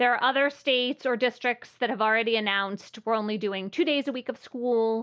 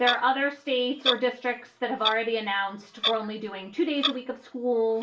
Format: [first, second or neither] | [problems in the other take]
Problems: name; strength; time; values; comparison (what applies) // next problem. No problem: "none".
first | background sound (Clock); 6 dB below the speech // room echo; dies away in 0.3 s